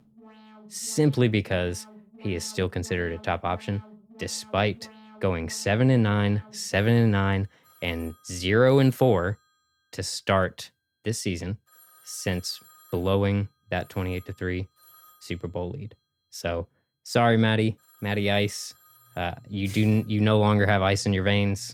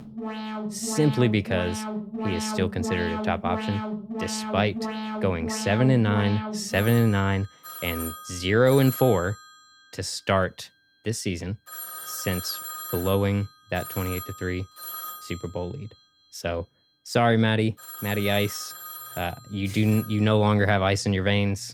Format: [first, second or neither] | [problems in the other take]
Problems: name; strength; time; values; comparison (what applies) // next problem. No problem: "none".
first | alarms or sirens; loud; throughout; 8 dB below the speech; faint in the first